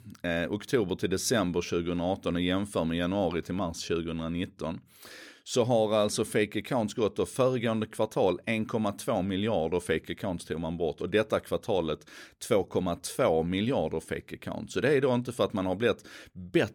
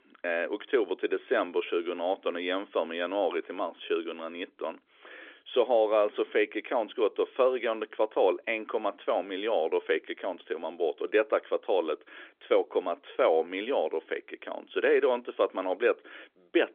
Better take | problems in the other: first | phone-call audio; nothing above 3.5 kHz

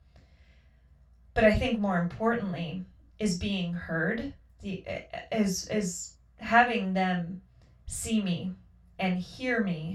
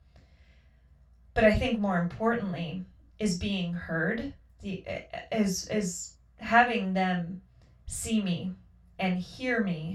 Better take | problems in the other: neither | room echo; slight; dies away in 0.2 s; the same in both // off-mic speech; far; the same in both

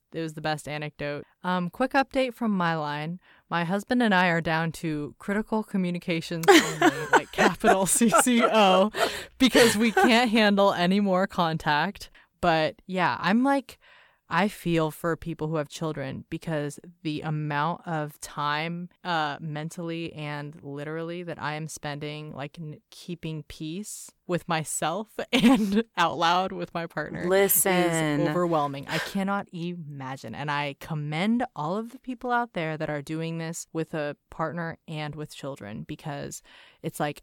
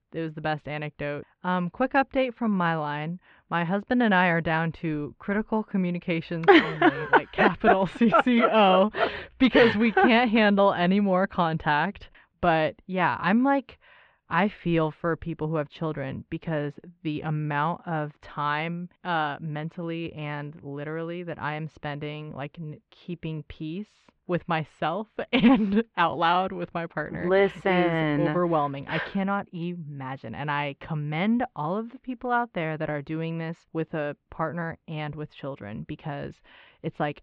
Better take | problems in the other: first | muffled; very; fading above 3 kHz

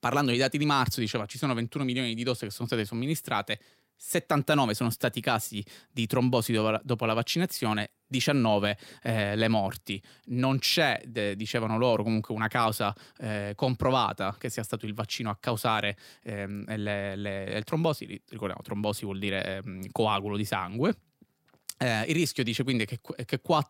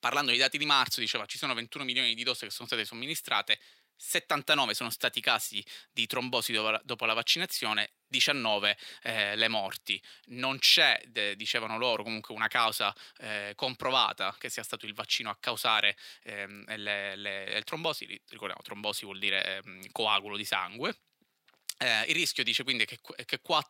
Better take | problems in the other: first | thin; somewhat; fading below 900 Hz

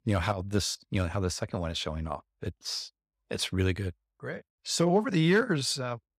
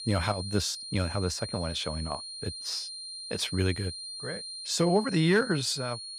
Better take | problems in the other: first | high-pitched whine; loud; throughout; 4 kHz, 8 dB below the speech

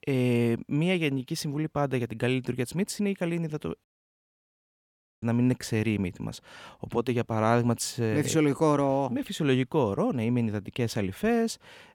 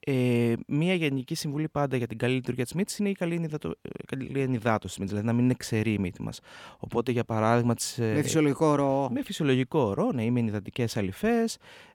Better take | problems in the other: second | audio cutting out; at 4 s for 1.5 s

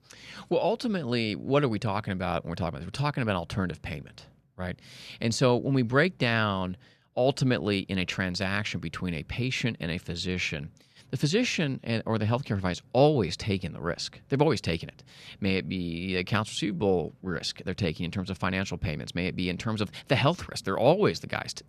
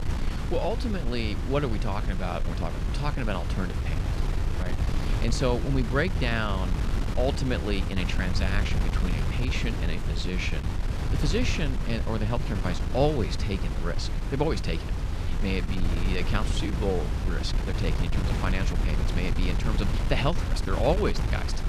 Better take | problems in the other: first | wind noise on the microphone; heavy; 6 dB below the speech

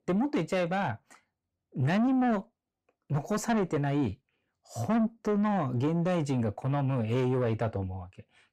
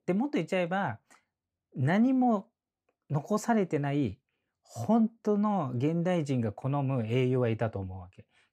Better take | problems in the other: second | distortion; slight; 10 dB below the speech

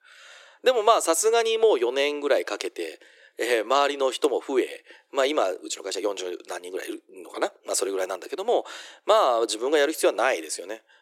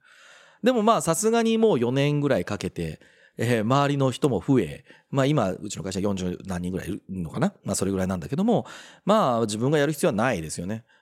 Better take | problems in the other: second | thin; very; fading below 350 Hz

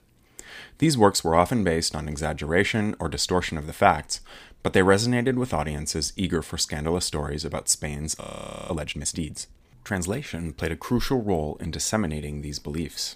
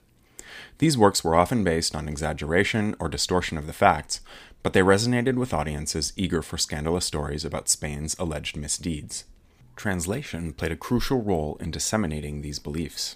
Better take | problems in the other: second | audio freezing; at 8 s

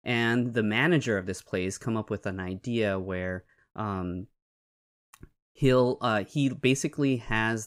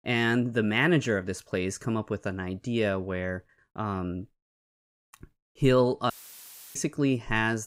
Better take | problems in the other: first | audio cutting out; filled with static; at 6 s for 0.5 s

